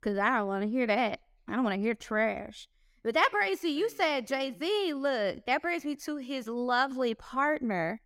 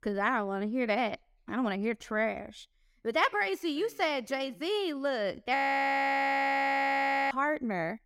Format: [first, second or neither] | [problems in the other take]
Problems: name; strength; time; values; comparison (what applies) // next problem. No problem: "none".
first | audio freezing; at 5.5 s for 2 s